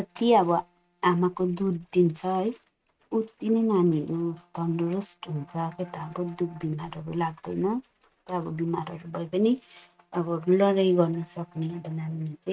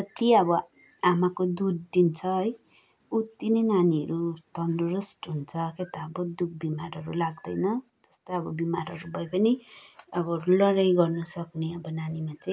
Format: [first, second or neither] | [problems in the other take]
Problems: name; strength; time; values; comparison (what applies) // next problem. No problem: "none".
second | noise reduction (neural mask model RNNoise)